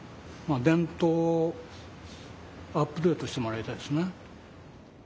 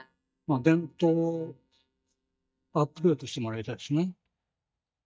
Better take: first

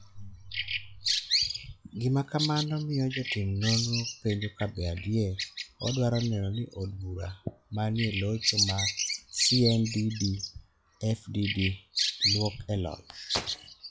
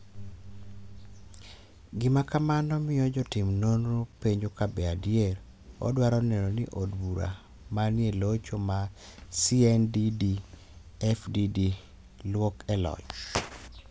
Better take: second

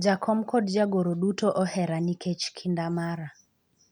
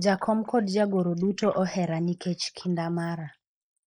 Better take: first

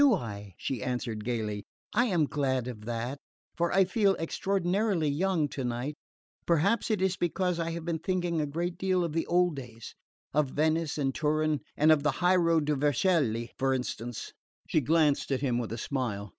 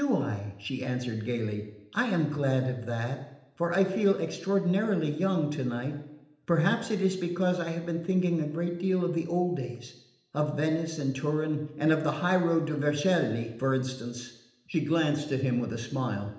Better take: first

